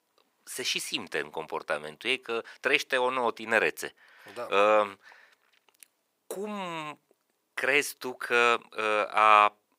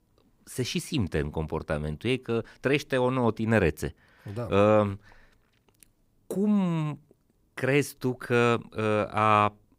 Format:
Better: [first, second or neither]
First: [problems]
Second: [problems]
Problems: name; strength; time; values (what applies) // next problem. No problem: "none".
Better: second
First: thin; very; fading below 600 Hz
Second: none